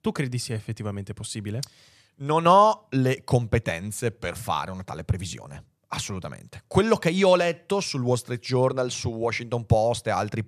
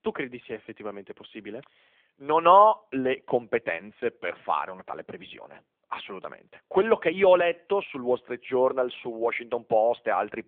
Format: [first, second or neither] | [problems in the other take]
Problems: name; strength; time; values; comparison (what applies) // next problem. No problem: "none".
first | phone-call audio; nothing above 3.5 kHz